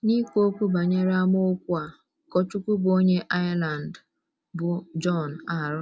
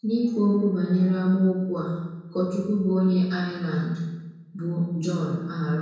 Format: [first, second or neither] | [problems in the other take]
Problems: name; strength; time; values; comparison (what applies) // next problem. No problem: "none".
first | room echo; dies away in 1 s